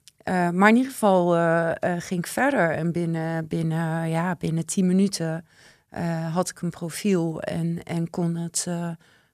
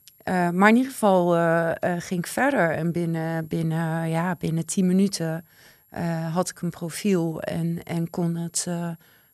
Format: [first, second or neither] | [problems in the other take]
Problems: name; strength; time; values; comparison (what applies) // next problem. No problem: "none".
first | high-pitched whine; faint; throughout; 11.5 kHz, 30 dB below the speech